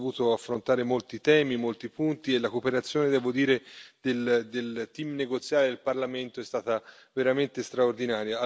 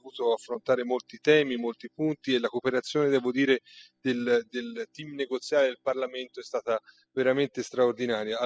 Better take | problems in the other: first | noise reduction (classical method spectral subtraction)

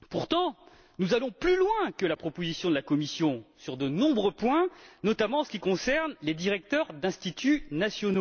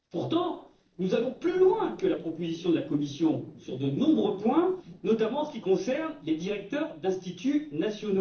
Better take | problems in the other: first | noise reduction (neural separator model SepFormer DNS4)

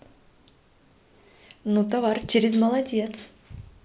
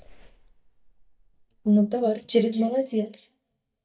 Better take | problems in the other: first | noise reduction (neural mask model DeepFilterNet 3)

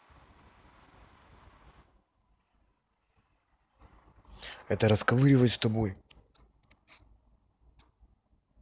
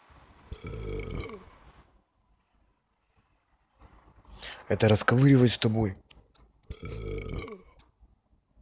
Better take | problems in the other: first | background sound (Burping, eructation); 7 dB below the speech

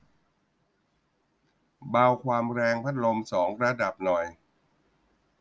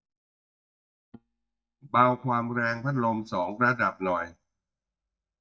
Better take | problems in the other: first | noise reduction (neural mask model DeepFilterNet 3)

